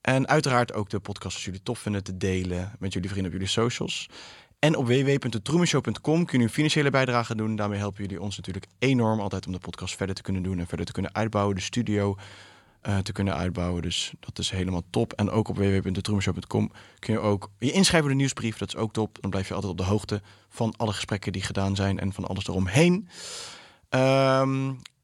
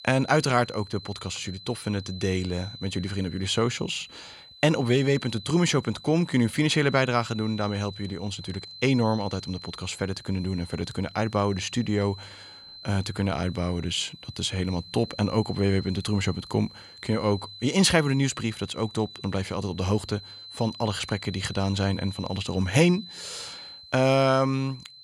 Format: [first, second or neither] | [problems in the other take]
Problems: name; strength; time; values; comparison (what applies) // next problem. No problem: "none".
first | high-pitched whine; noticeable; throughout; 4 kHz, 15 dB below the speech